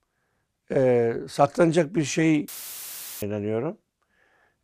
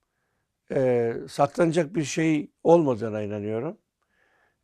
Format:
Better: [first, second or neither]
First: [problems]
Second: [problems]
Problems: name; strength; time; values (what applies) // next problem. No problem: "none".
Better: second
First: audio cutting out; filled with static; at 2.5 s for 0.5 s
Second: none